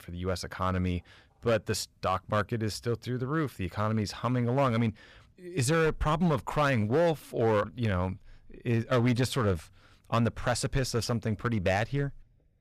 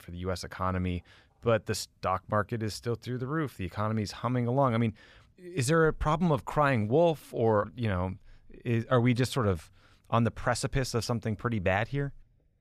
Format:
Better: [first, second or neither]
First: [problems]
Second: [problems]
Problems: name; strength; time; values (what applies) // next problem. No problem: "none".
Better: second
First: distortion; slight; 5% of the sound clipped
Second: none